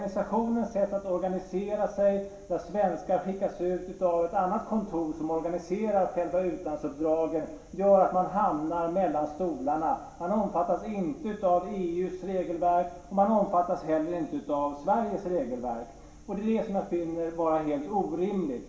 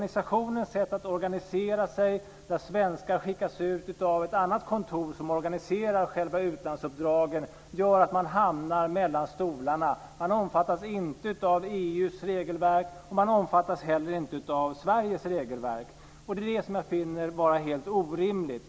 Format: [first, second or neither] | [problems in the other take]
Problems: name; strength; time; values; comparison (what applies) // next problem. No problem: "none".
second | room echo; dies away in 0.7 s